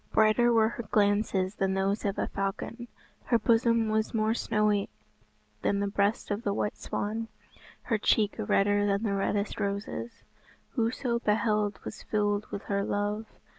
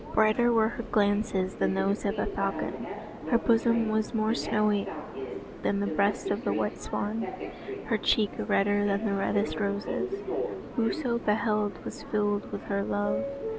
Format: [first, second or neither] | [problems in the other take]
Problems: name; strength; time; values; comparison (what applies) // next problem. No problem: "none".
first | background sound (Subway, metro, underground); 7 dB below the speech